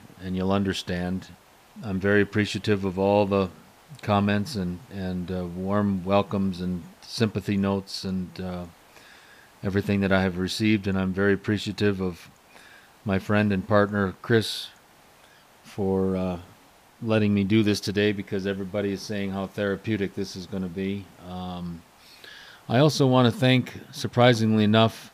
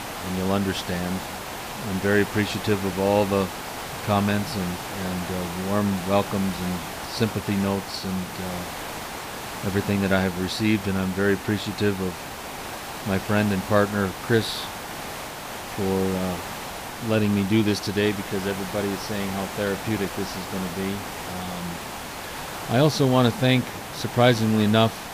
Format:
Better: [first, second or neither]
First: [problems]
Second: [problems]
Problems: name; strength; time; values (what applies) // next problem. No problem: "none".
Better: first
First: hiss; faint; throughout; 30 dB below the speech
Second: hiss; loud; throughout; 8 dB below the speech